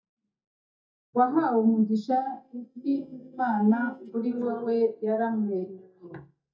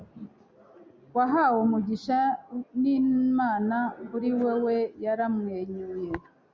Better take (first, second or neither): second